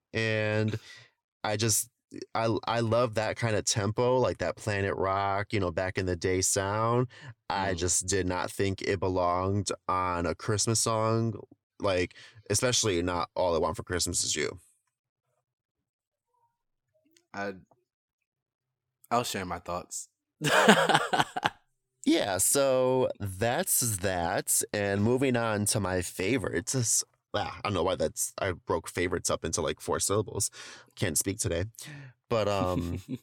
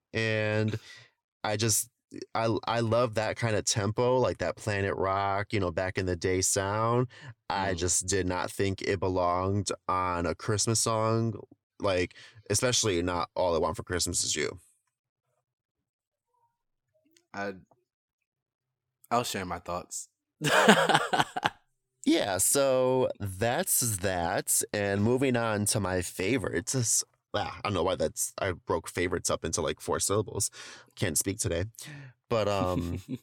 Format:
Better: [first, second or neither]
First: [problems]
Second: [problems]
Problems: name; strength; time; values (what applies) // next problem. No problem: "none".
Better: neither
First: none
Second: none